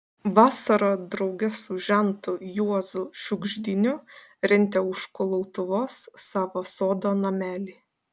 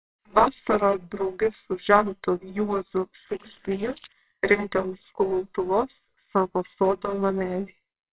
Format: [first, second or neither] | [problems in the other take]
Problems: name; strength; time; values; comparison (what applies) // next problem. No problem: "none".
first | noise reduction (neural separator model SepFormer WHAMR!)